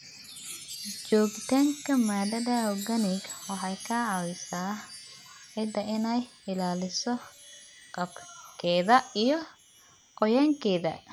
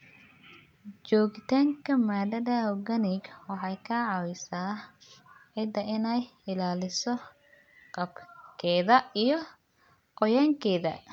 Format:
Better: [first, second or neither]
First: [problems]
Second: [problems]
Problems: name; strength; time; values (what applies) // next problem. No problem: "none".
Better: second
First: background sound (Chime); 16 dB below the speech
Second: none